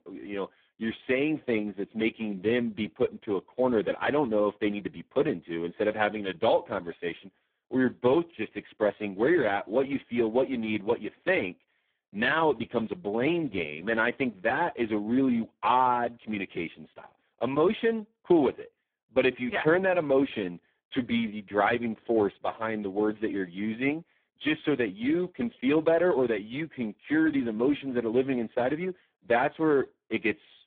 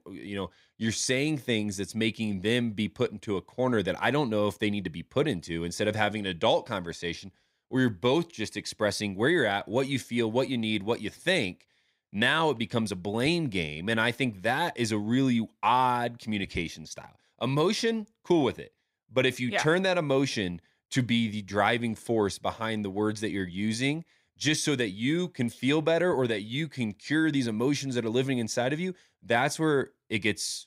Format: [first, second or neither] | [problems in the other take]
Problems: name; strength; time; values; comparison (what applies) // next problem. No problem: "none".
second | phone-call audio; poor line